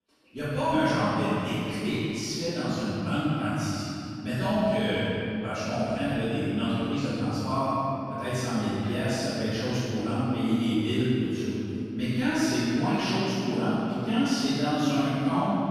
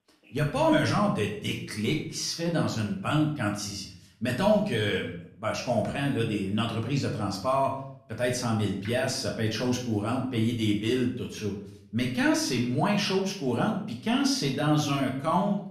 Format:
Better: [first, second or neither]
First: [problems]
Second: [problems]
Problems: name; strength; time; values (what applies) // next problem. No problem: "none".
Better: second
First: room echo; strong; dies away in 2.8 s // off-mic speech; far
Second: room echo; slight; dies away in 0.5 s // off-mic speech; somewhat distant